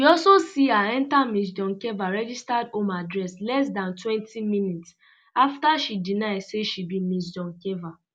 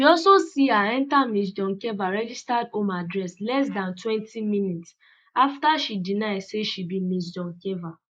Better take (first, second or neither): first